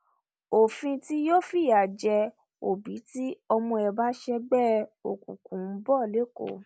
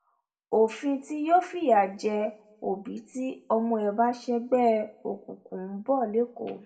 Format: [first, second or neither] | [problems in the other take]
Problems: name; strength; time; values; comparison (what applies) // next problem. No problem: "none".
first | room echo; dies away in 0.4 s